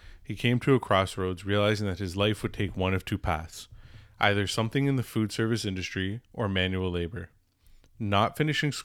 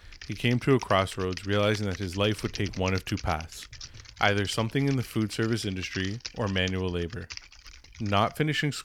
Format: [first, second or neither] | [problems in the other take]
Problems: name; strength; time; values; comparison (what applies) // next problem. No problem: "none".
first | keyboard typing; faint; until 8.5 s; peak 10 dB below the speech